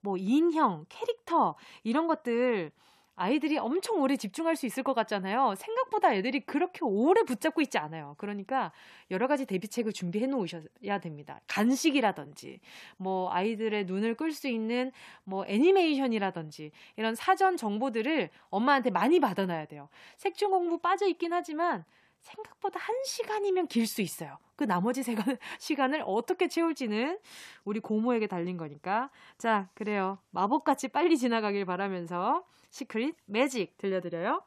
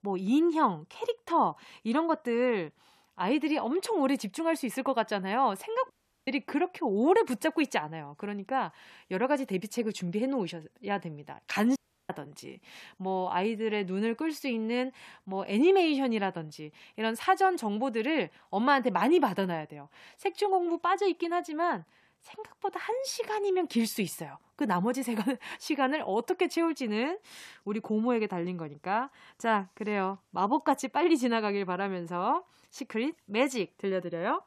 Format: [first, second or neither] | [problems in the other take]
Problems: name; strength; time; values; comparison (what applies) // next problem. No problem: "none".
first | audio cutting out; at 6 s and at 12 s